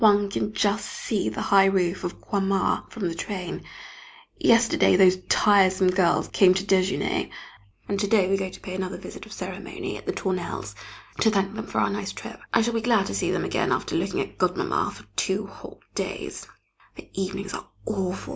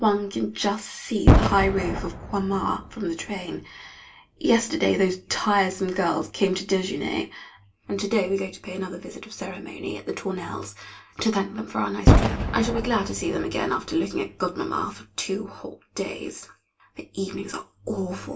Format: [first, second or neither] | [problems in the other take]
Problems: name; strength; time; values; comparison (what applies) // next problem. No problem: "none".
first | background sound (Boom); 2 dB above the speech // room echo; dies away in 0.2 s